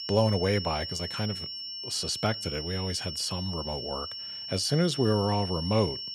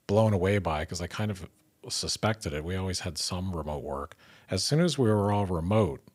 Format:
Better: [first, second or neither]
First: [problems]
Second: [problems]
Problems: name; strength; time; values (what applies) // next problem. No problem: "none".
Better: second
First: high-pitched whine; loud; throughout; 5.5 kHz, 6 dB below the speech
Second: none